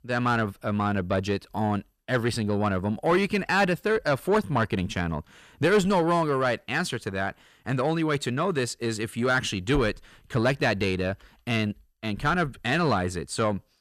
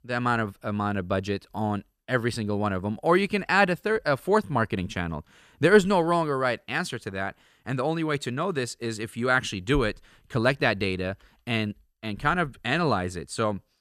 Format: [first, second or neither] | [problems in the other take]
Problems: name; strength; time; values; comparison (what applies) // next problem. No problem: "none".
second | distortion; slight; 10 dB below the speech